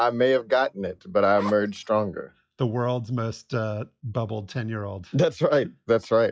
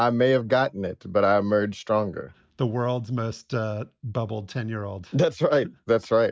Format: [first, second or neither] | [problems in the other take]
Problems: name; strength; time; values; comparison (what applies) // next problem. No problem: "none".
second | noise reduction (classical method log-MMSE)